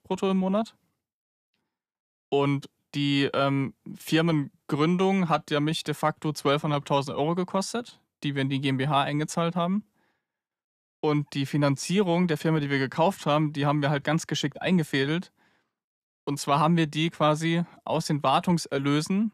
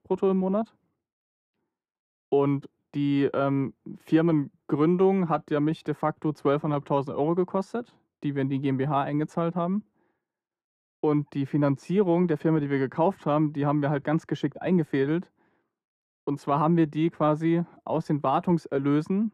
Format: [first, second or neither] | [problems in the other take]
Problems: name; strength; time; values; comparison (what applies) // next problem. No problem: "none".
first | muffled; very; fading above 2.5 kHz